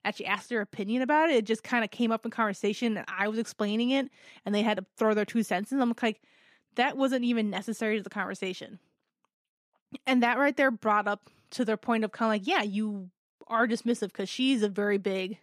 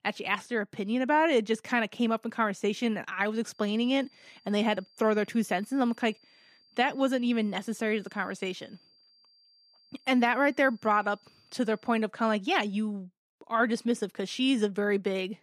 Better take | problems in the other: first | high-pitched whine; faint; from 3.5 to 12 s; 4.5 kHz, 30 dB below the speech

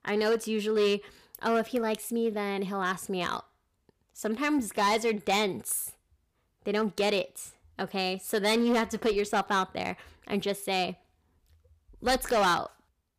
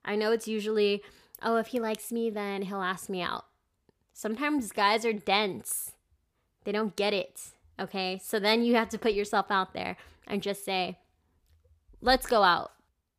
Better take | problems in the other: second | distortion; slight; 5% of the sound clipped

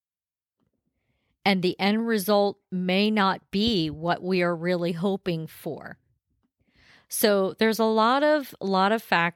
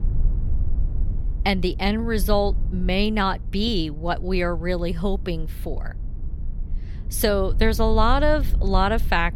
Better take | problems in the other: first | low rumble; faint; throughout; 20 dB below the speech

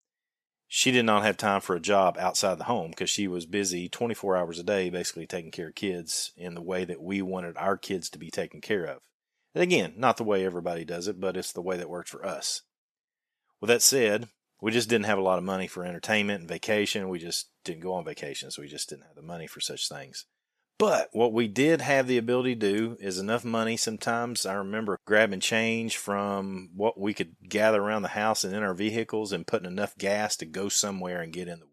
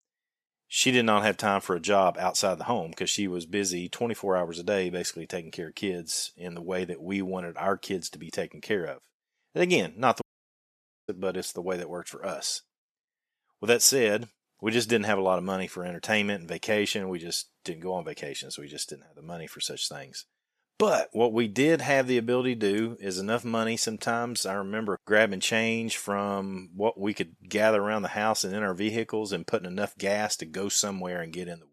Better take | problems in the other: first | audio cutting out; at 10 s for 1 s

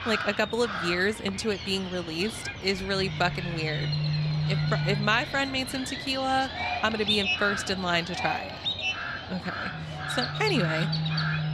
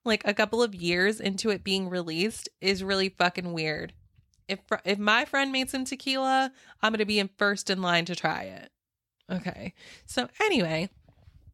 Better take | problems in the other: second | animal sounds; loud; throughout; 2 dB below the speech

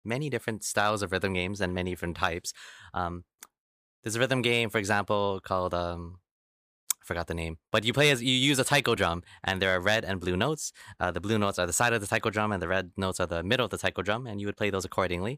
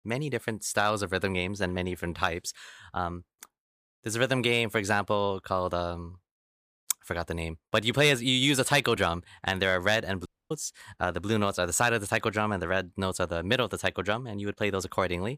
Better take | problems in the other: first | audio cutting out; at 10 s

